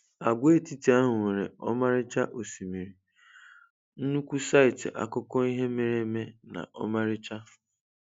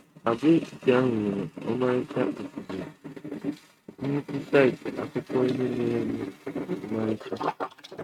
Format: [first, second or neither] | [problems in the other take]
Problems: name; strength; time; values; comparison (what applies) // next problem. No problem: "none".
first | noise reduction (neural mask model RNNoise)